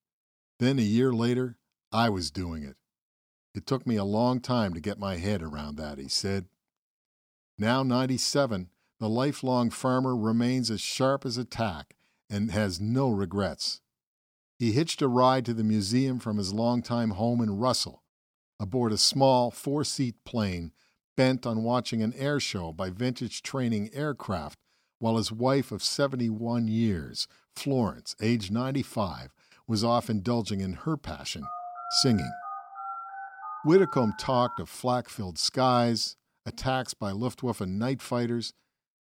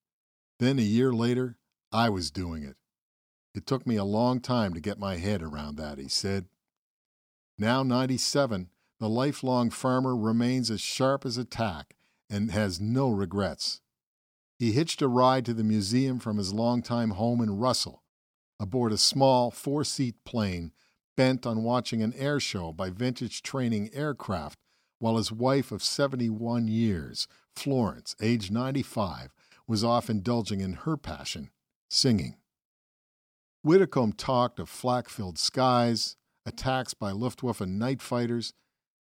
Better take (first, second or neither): second